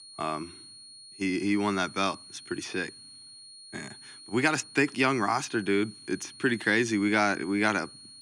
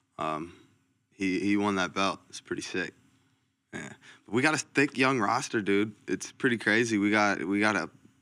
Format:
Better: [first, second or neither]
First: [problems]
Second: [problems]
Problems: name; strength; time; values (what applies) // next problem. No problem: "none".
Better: second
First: high-pitched whine; noticeable; throughout; 4.5 kHz, 20 dB below the speech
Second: none